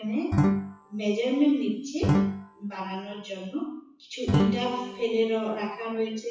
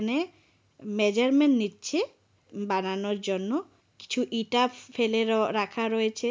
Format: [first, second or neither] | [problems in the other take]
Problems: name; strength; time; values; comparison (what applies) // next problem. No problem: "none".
second | noise reduction (classical method WPE with log-MMSE)